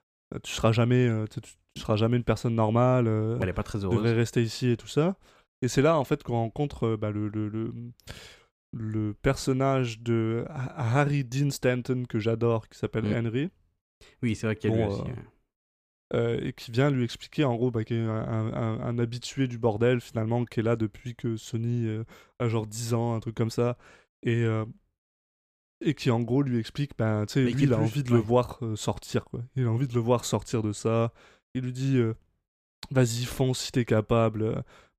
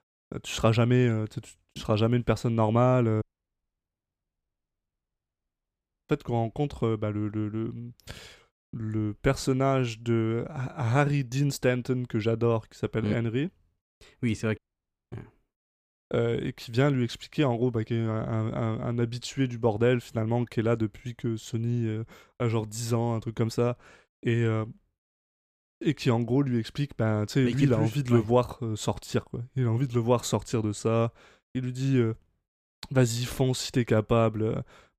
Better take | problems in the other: first | audio cutting out; at 3 s for 3 s and at 15 s for 0.5 s

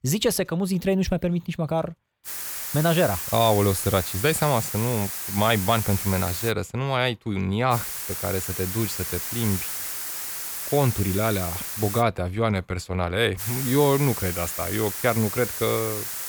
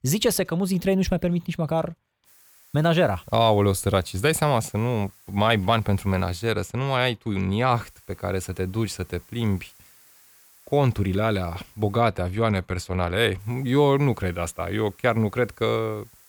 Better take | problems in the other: second | hiss; loud; from 2.5 to 6.5 s, from 7.5 to 12 s and from 13 s on; 4 dB below the speech; faint in the second

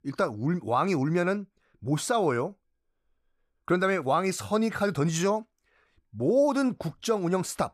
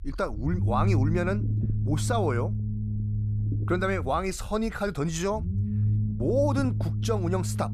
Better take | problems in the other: first | low rumble; noticeable; throughout; 10 dB below the speech

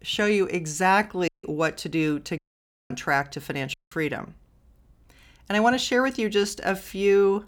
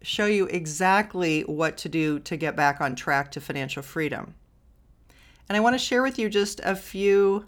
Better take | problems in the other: second | audio cutting out; at 1.5 s, at 2.5 s for 0.5 s and at 3.5 s

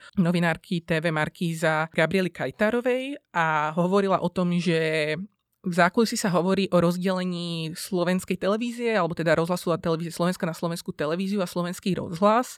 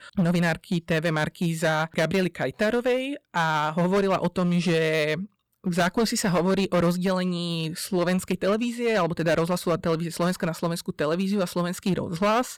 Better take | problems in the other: first | distortion; slight; 10% of the sound clipped

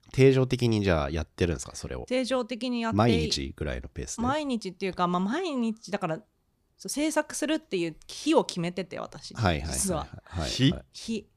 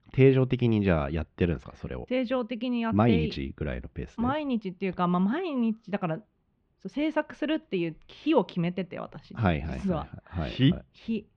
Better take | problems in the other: first | muffled; very; fading above 3 kHz

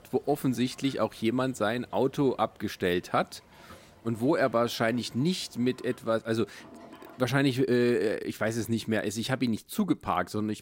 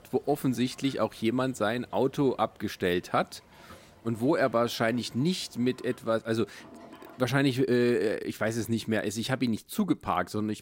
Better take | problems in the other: neither | household noises; faint; throughout; 25 dB below the speech; the same in both

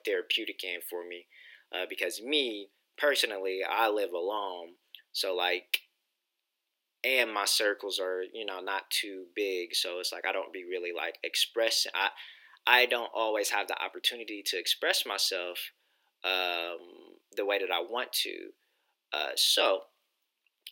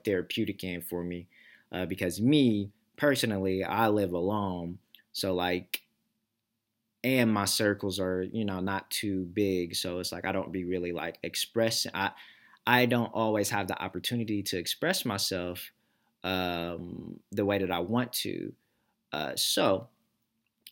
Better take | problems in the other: second | thin; very; fading below 350 Hz

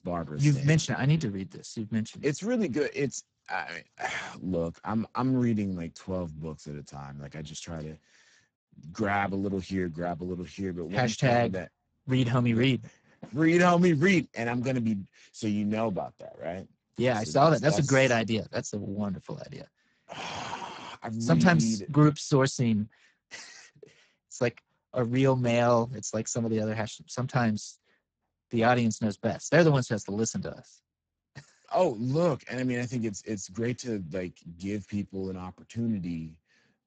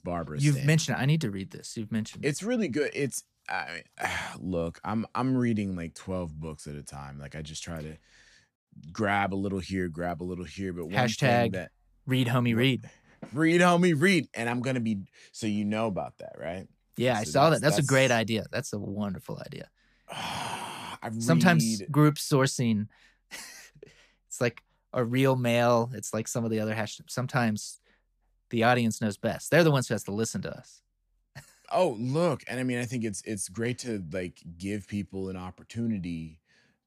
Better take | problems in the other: second | garbled, watery; badly; nothing above 7.5 kHz

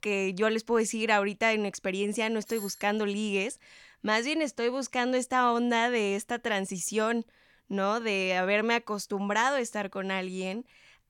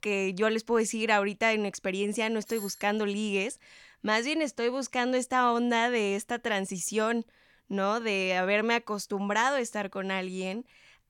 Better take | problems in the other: neither | doorbell; faint; at 2.5 s; peak 15 dB below the speech; the same in both

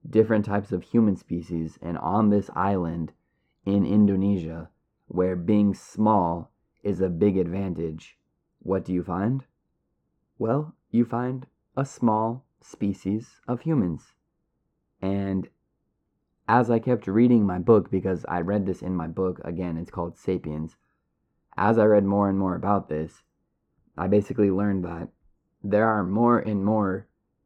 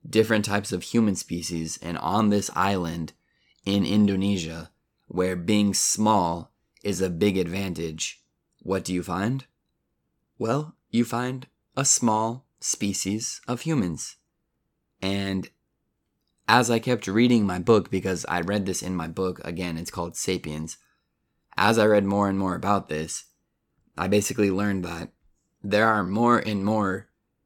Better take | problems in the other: second | muffled; very; fading above 2.5 kHz

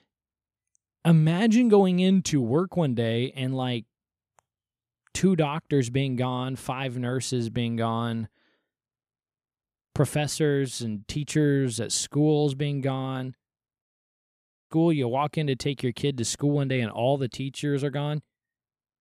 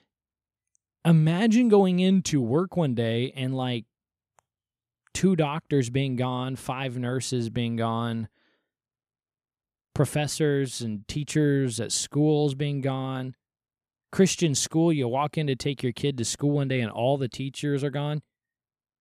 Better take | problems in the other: second | audio cutting out; at 14 s for 1 s

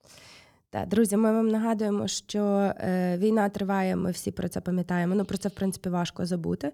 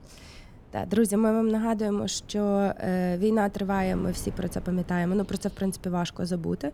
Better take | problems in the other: first | wind noise on the microphone; occasional gusts; 25 dB below the speech

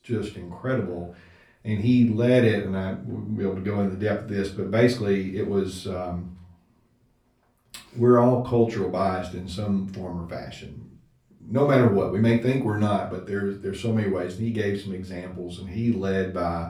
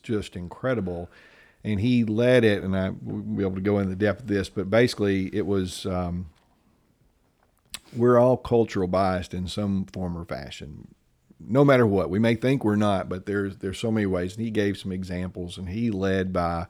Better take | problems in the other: second | off-mic speech; far // room echo; slight; dies away in 0.3 s

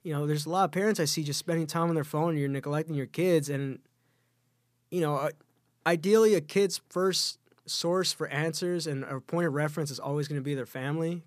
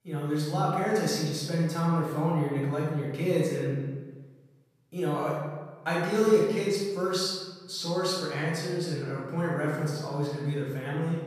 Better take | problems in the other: first | room echo; strong; dies away in 1.2 s // off-mic speech; far

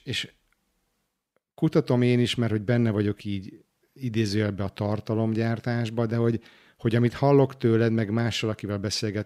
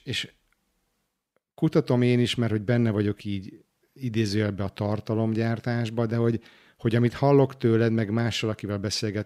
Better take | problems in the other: neither | none

